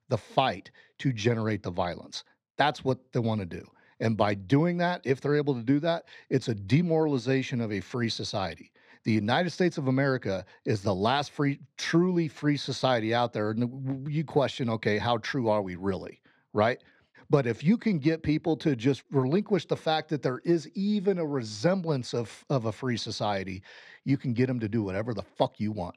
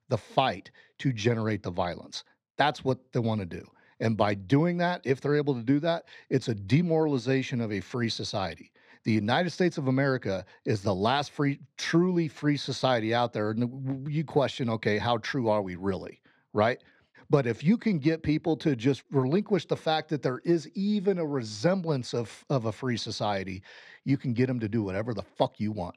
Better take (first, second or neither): neither